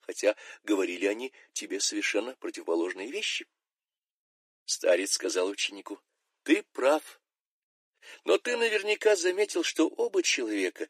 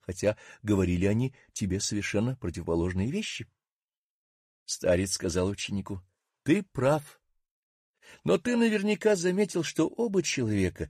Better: second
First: thin; somewhat; fading below 300 Hz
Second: none

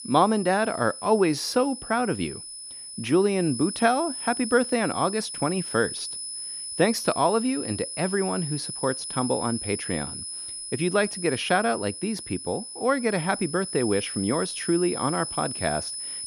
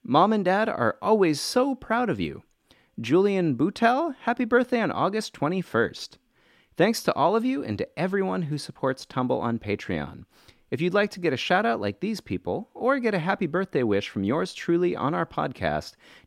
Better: second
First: high-pitched whine; loud; throughout; 10 kHz, 7 dB below the speech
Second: none

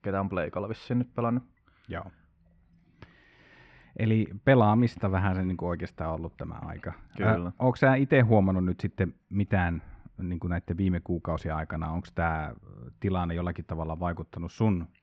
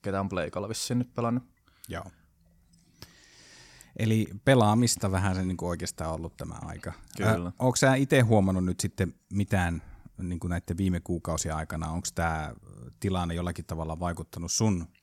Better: second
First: muffled; very; fading above 3 kHz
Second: none

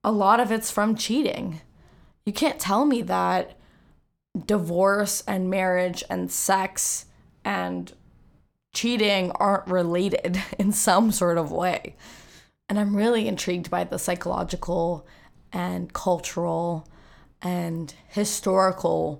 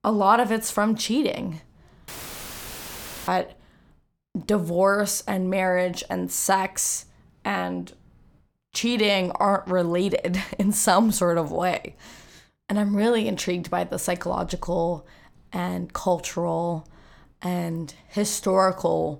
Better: first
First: none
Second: audio cutting out; filled with static; at 2 s for 1 s

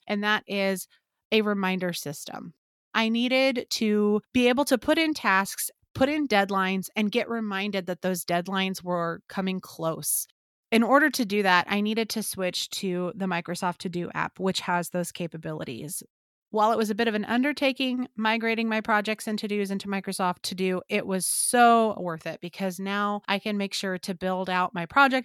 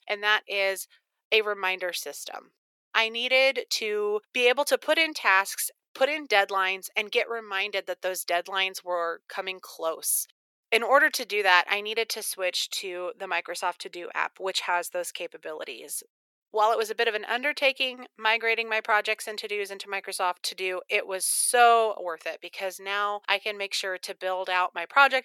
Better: first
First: none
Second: thin; very; fading below 450 Hz

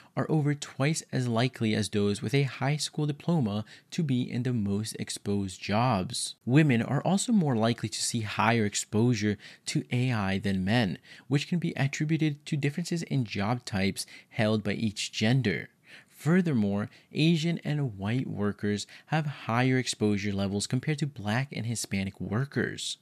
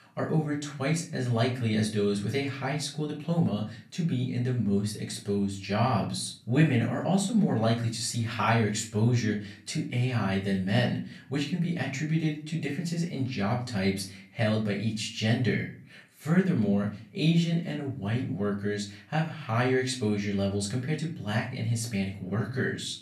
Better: first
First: none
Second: off-mic speech; far // room echo; slight; dies away in 0.4 s

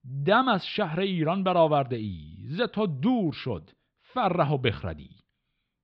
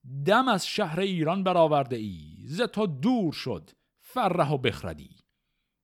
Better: second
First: muffled; very slightly; fading above 4 kHz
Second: none

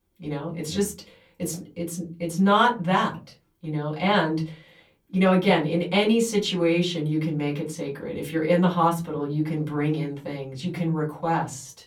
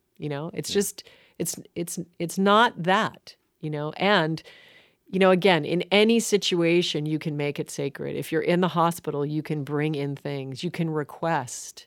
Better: second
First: off-mic speech; far // room echo; very slight; dies away in 0.3 s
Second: none

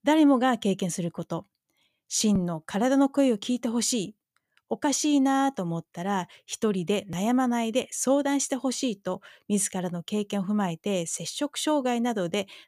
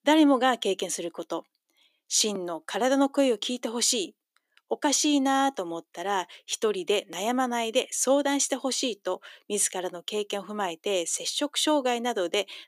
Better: first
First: none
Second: thin; very slightly; fading below 300 Hz

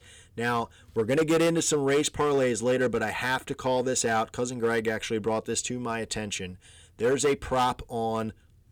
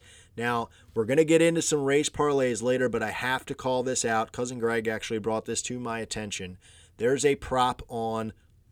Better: second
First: distortion; slight; 5% of the sound clipped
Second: none

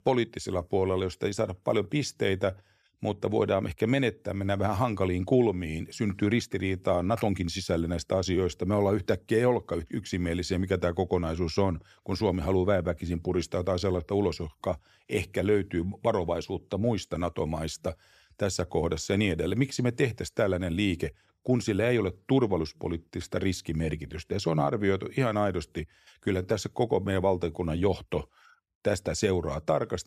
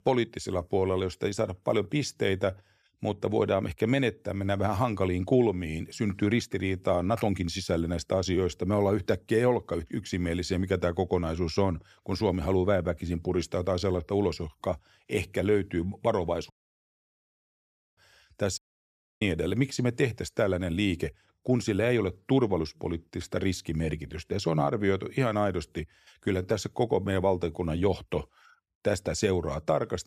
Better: first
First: none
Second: audio cutting out; at 17 s for 1.5 s and at 19 s for 0.5 s

